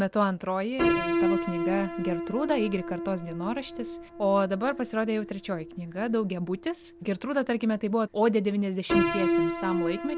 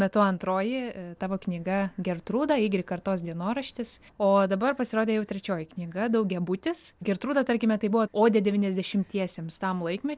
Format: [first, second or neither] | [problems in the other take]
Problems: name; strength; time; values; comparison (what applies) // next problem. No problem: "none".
second | background sound (Piano); 3 dB below the speech